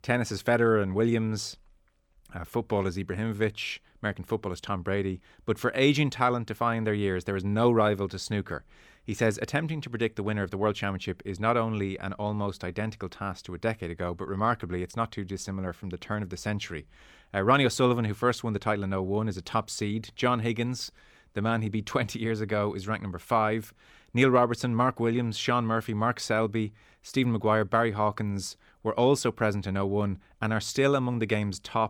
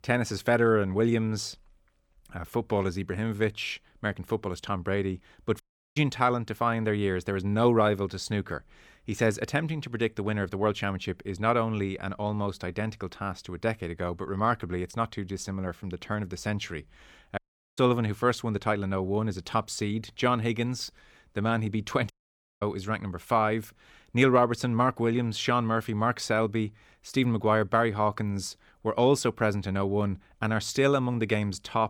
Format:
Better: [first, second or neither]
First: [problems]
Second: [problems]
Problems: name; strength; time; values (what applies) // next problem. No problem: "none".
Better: first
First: none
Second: audio cutting out; at 5.5 s, at 17 s and at 22 s for 0.5 s